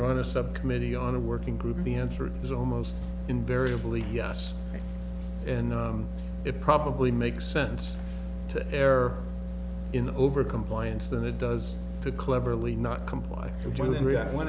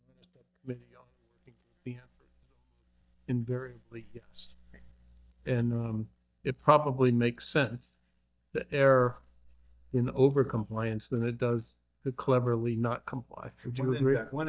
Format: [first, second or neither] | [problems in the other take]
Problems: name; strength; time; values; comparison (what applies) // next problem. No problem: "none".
first | noise reduction (neural mask model DeepFilterNet 3)